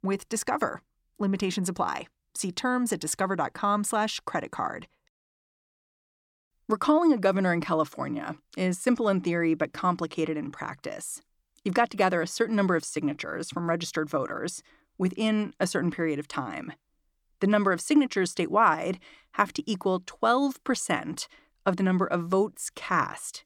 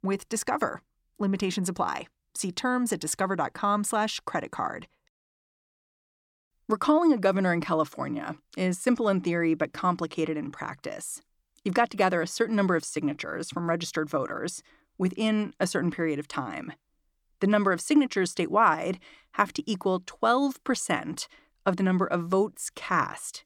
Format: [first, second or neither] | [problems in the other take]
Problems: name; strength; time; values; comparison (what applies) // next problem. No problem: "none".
neither | none